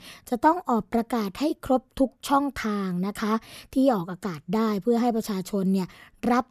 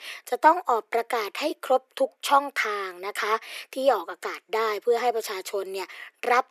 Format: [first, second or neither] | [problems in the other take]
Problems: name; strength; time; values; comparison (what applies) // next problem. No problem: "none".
first | thin; very; fading below 350 Hz